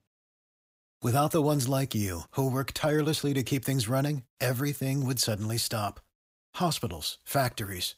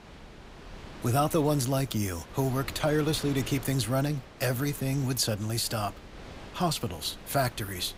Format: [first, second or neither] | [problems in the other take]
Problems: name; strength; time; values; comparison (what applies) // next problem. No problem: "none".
first | wind noise on the microphone; occasional gusts; 15 dB below the speech